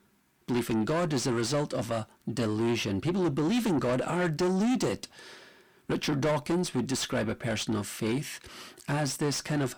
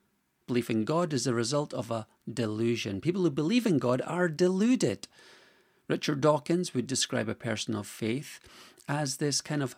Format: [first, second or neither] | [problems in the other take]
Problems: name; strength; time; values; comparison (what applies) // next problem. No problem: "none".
second | distortion; heavy; 7 dB below the speech